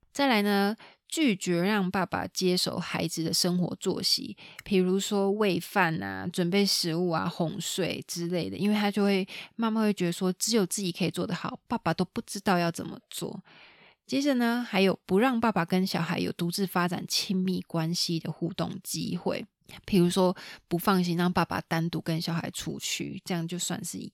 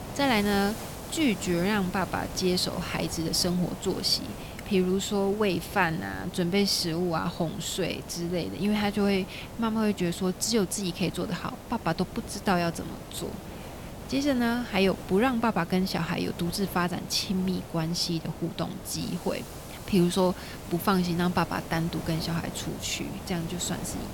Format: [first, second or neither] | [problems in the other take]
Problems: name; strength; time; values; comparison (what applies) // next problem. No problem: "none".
first | hiss; noticeable; throughout; 10 dB below the speech